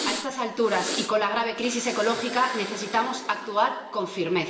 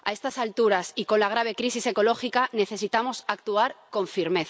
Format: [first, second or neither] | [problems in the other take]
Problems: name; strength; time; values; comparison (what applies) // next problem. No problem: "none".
second | background sound (Breathing); 10 dB below the speech // room echo; dies away in 1.2 s